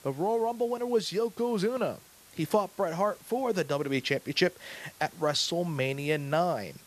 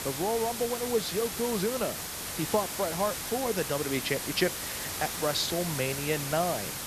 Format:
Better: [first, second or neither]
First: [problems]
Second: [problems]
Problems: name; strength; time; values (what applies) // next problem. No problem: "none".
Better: first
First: hiss; faint; throughout; 25 dB below the speech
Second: hiss; loud; throughout; 3 dB below the speech